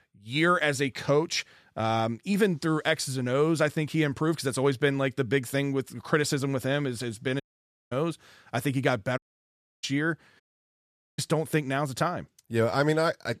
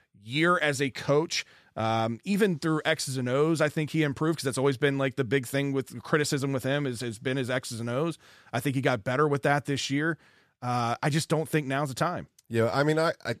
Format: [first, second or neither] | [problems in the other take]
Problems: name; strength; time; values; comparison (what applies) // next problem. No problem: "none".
second | audio cutting out; at 7.5 s for 0.5 s, at 9 s for 0.5 s and at 10 s for 1 s